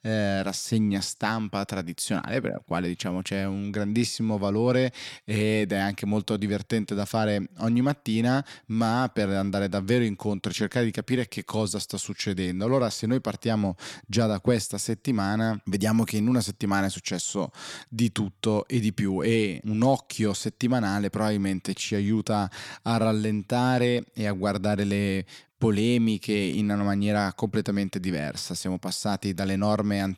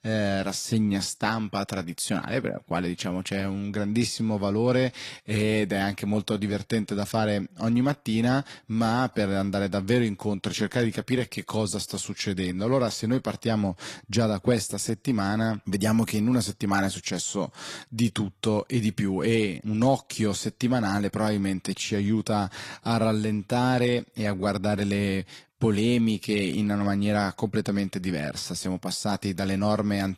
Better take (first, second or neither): first